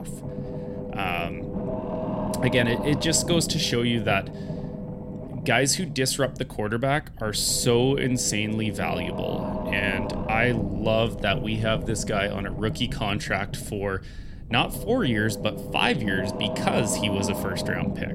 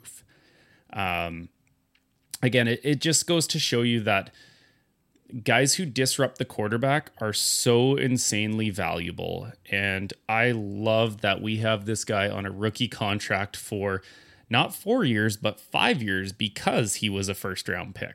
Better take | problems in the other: second | low rumble; loud; throughout; 9 dB below the speech

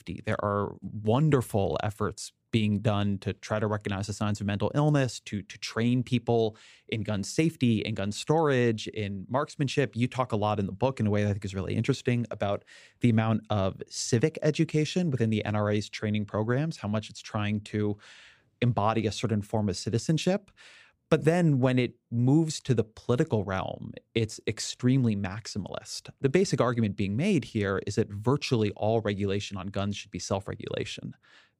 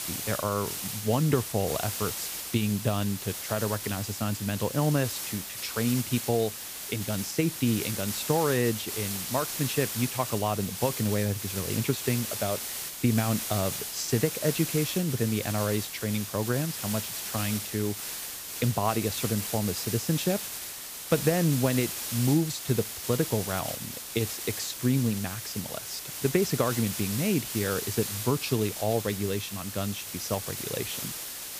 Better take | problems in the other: first | hiss; loud; throughout; 4 dB below the speech

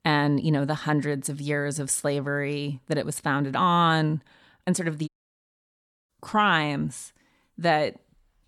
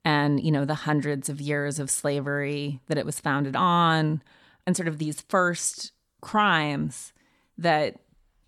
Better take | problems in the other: second | audio cutting out; at 5 s for 1 s

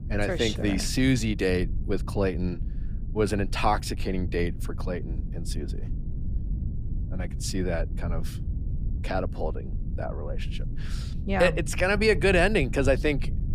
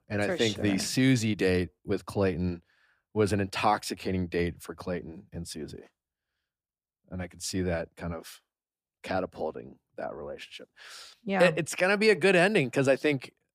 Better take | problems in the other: second | low rumble; faint; throughout; 20 dB below the speech

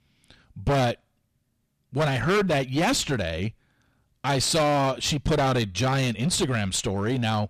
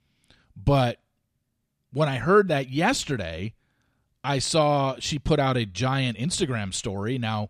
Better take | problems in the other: second | distortion; heavy; 14% of the sound clipped

